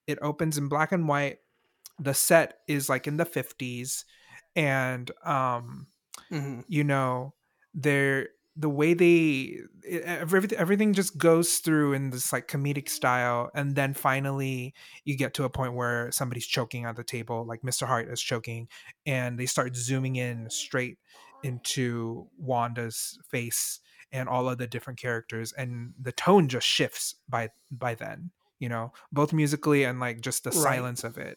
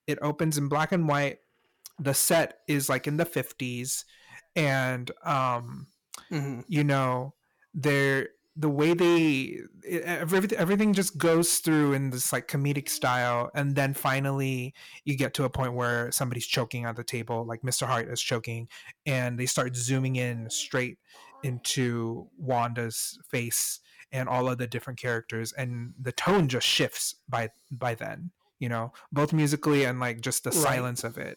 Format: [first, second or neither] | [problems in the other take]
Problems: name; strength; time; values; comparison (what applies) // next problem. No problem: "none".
first | distortion; slight; 4% of the sound clipped